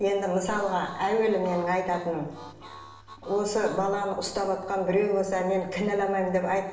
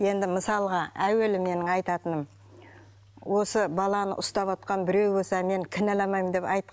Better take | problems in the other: second | background sound (Harmonica); 20 dB below the speech // room echo; dies away in 0.9 s

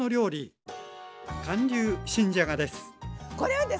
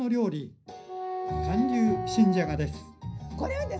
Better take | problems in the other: first | background sound (Wind instrument, woodwind instrument); 7 dB below the speech // room echo; dies away in 0.5 s

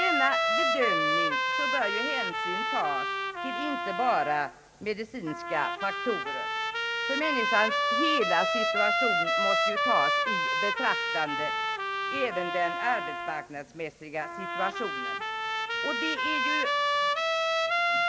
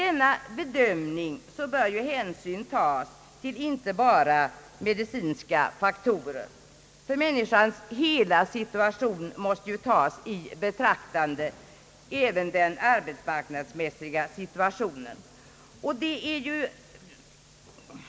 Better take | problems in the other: second | background sound (Trumpet); 4 dB above the speech

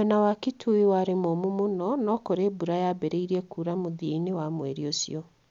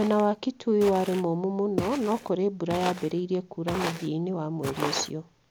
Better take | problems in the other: first | background sound (Walk, footsteps); 10 dB below the speech

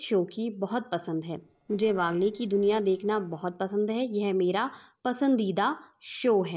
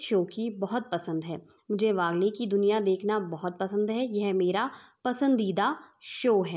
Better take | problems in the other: second | noise reduction (neural separator model SepFormer DNS4)

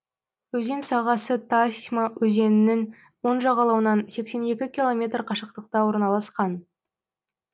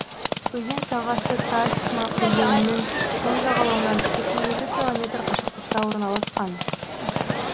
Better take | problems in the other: first | background sound (Livestock, farm animals, working animals); 1 dB above the speech

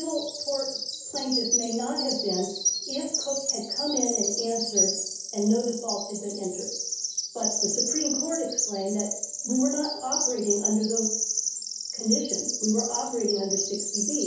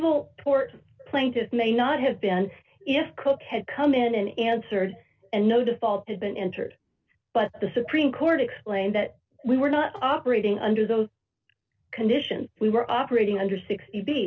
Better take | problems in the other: second | background sound (Bird vocalization, bird call, bird song); as loud as the speech // room echo; dies away in 2.8 s

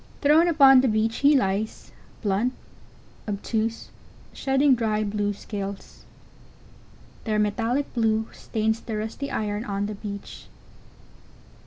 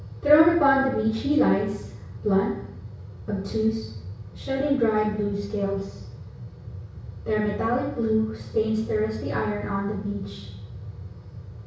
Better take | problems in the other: first | room echo; dies away in 0.6 s

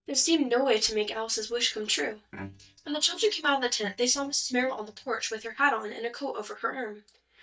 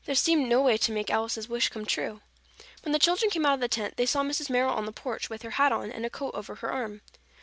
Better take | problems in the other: second | noise reduction (neural mask model DeepFilterNet 3)

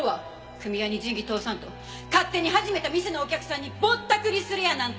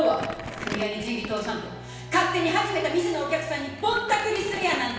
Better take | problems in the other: first | background sound (Crumpling, crinkling); 14 dB below the speech // room echo; dies away in 0.9 s

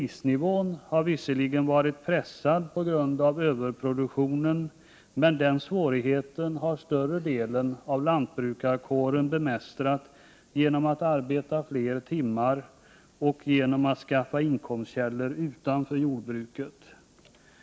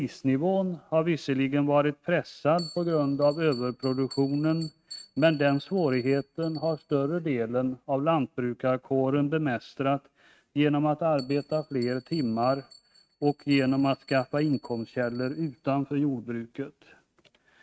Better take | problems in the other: first | noise reduction (neural mask model RNNoise)

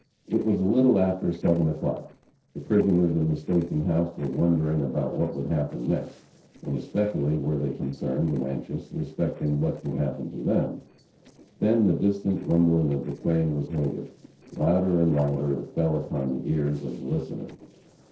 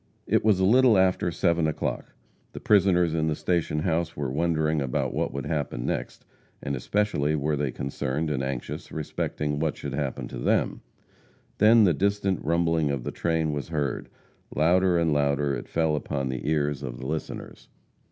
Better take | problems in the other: second | noise reduction (neural separator model SepFormer DNS4)

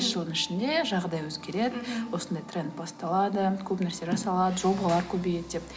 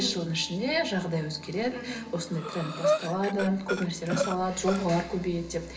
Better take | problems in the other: first | background sound (Breathing); 3 dB below the speech // room echo; dies away in 0.6 s

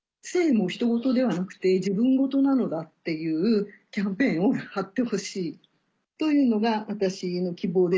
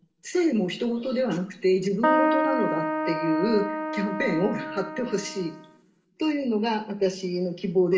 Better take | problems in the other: first | background sound (Keyboard (musical)); 1 dB below the speech // room echo; dies away in 0.5 s

